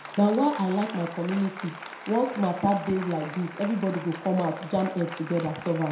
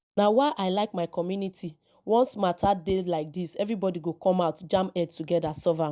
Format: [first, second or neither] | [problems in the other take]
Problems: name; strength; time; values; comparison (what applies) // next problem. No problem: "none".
second | background sound (Applause); 14 dB below the speech // room echo; dies away in 0.6 s